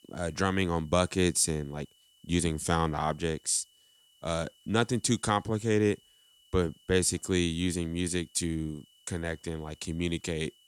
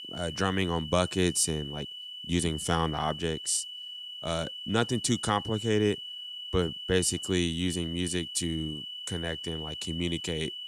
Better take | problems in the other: first | high-pitched whine; loud; throughout; 3 kHz, 8 dB below the speech; faint in the first

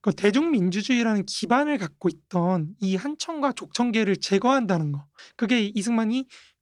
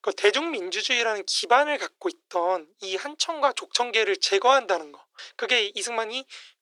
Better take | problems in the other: first | thin; very; fading below 400 Hz

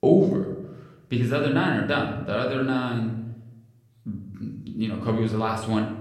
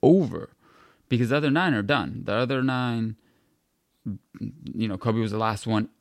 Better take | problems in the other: second | room echo; slight; dies away in 0.8 s // off-mic speech; somewhat distant

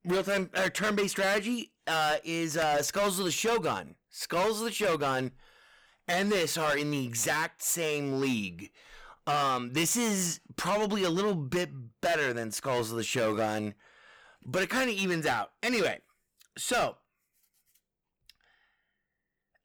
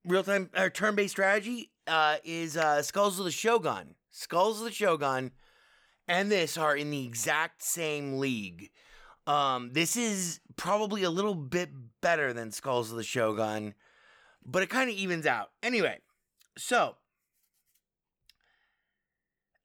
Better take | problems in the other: second | distortion; heavy; 11% of the sound clipped

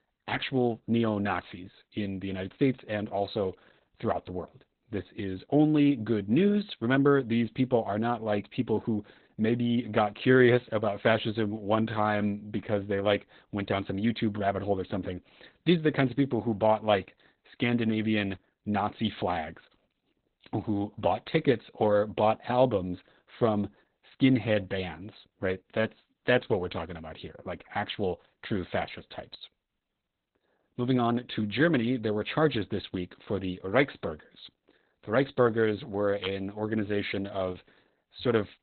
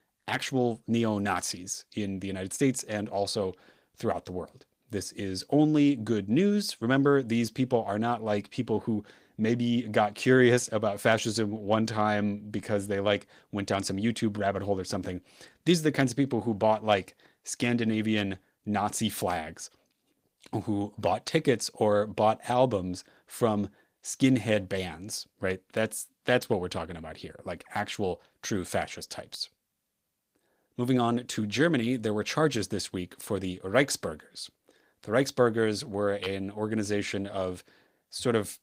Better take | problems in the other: second | garbled, watery; badly; nothing above 4 kHz; slightly in the second

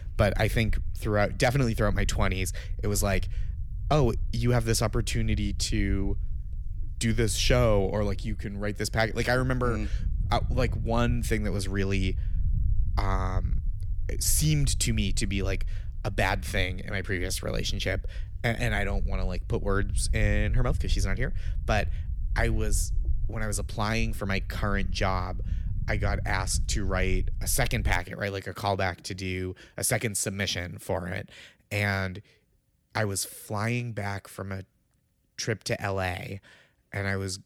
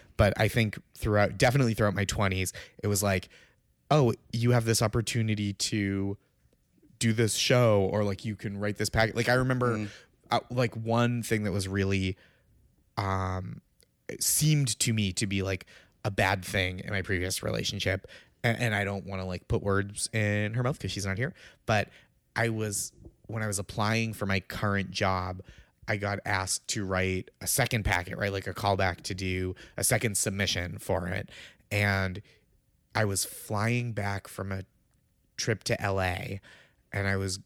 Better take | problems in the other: second | low rumble; faint; until 28 s; 20 dB below the speech

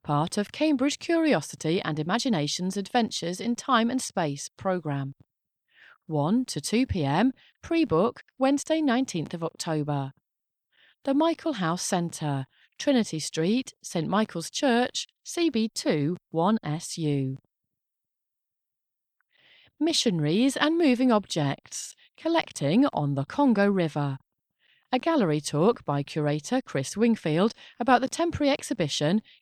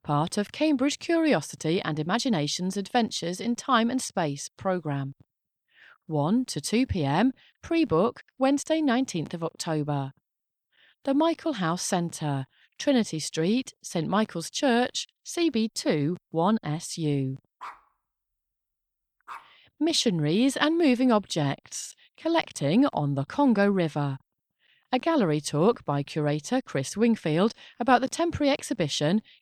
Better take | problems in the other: first | dog barking; faint; from 18 to 19 s; peak 15 dB below the speech

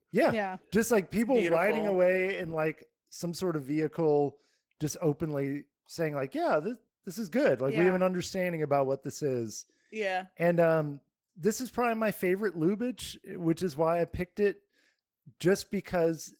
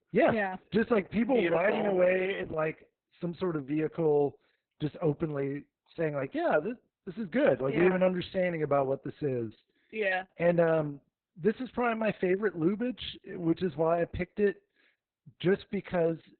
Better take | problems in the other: first | garbled, watery; badly; nothing above 4 kHz; slightly in the first

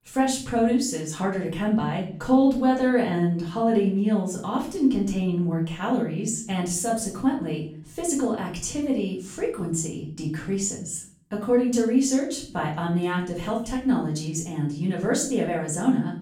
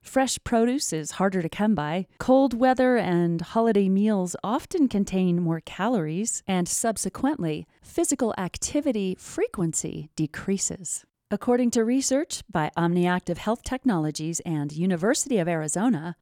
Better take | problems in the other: second | room echo; slight; dies away in 0.4 s // off-mic speech; far

